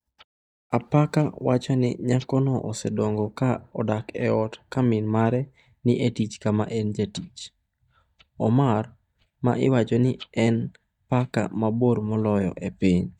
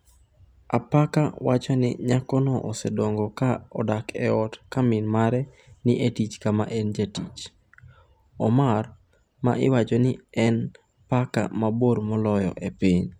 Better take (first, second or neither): second